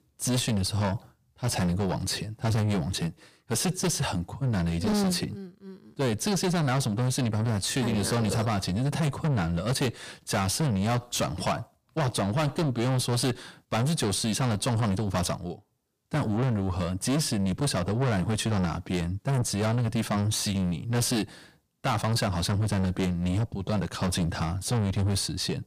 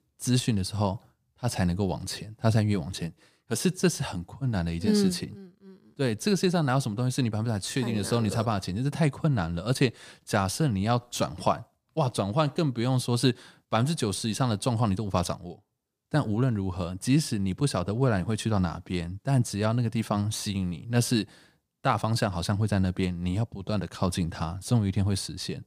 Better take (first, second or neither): second